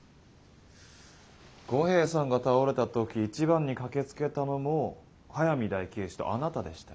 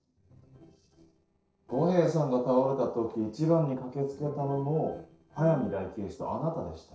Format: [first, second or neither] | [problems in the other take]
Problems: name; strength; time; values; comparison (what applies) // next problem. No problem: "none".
first | noise reduction (neural separator model SepFormer DNS4)